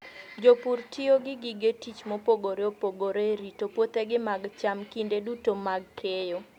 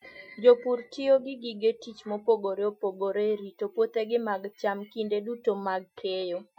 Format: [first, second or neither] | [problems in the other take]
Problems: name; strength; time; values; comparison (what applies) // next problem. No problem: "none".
first | noise reduction (classical method Wiener filter)